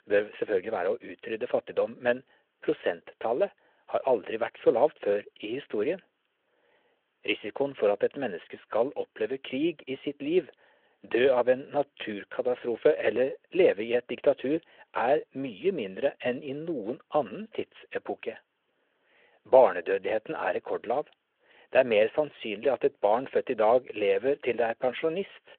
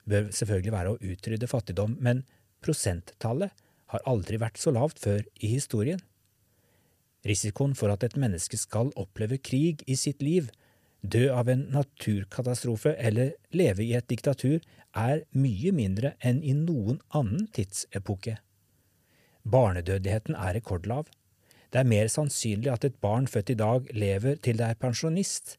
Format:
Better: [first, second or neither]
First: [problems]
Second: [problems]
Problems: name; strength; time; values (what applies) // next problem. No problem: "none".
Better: second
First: phone-call audio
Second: none